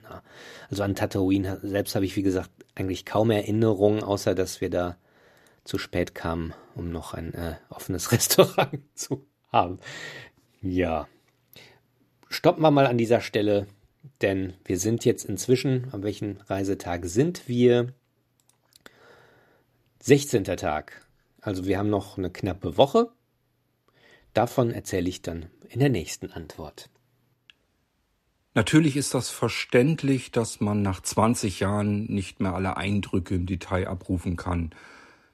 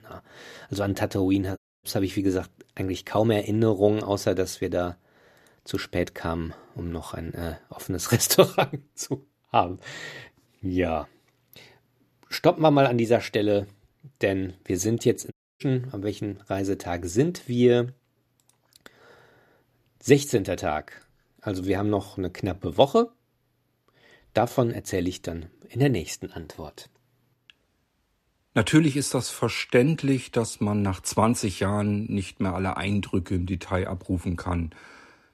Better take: first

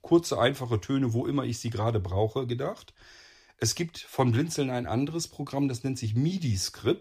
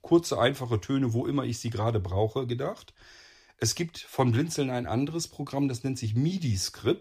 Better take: neither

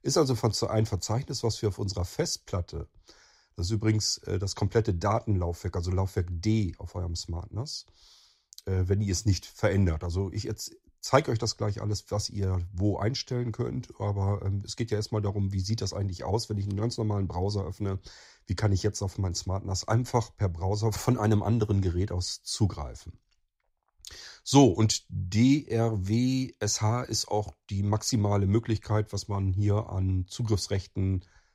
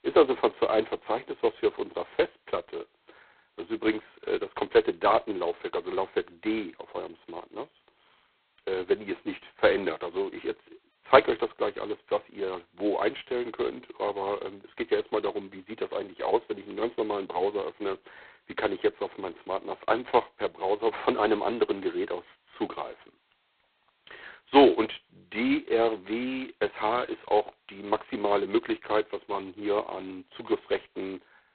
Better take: first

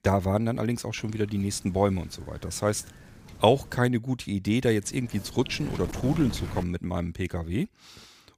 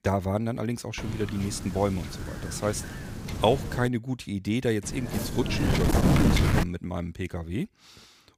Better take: first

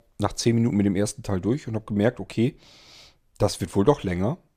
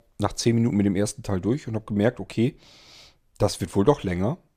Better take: neither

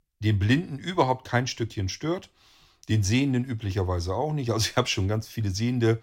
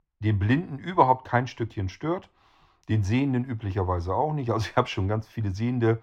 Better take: first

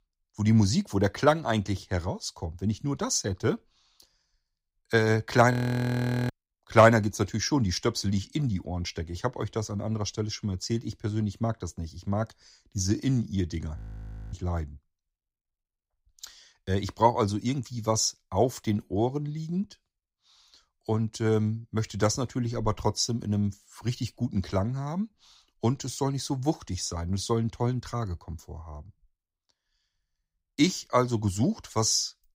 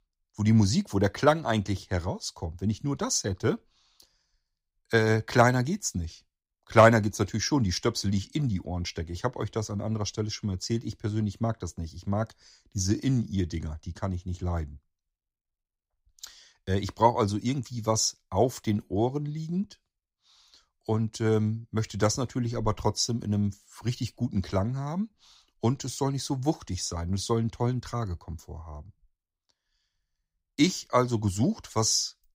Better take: second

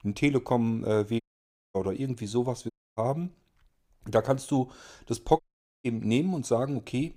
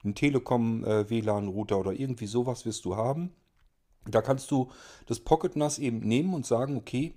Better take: second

